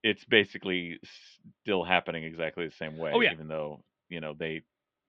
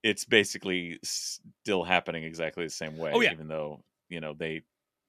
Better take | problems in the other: second | muffled; very; fading above 3.5 kHz

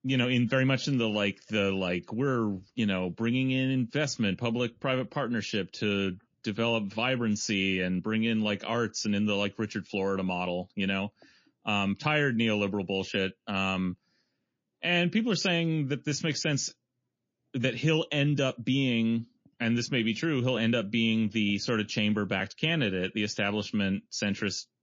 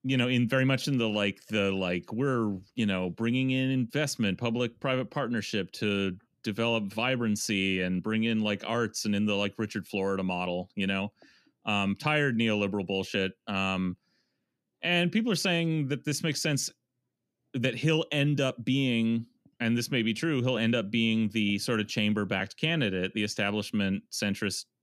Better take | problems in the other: second | garbled, watery; slightly; nothing above 6.5 kHz

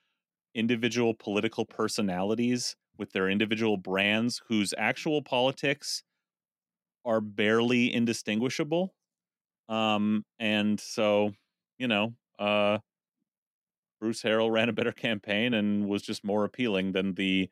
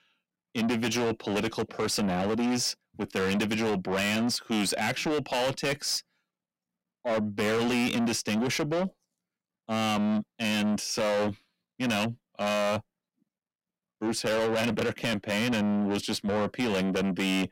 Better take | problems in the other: first | distortion; heavy; 6 dB below the speech

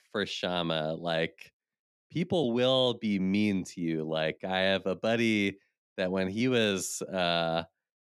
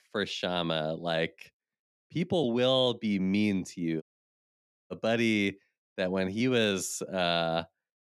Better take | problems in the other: first | audio cutting out; at 4 s for 1 s

